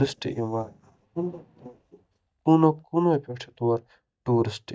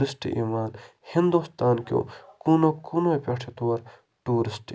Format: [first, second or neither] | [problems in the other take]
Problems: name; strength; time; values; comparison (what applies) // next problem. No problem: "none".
second | noise reduction (neural mask model DeepFilterNet 3)